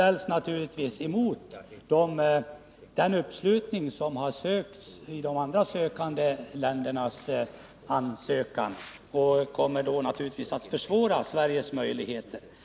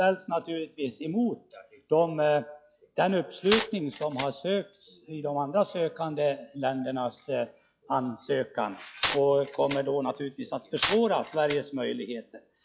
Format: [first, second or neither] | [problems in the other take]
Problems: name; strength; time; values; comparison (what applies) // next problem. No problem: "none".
first | noise reduction (classical method log-MMSE)